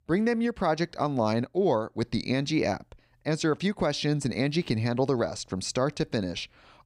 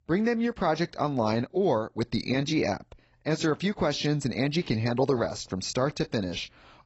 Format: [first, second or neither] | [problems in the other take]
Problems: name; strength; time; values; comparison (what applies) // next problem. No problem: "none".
first | garbled, watery; badly; nothing above 8 kHz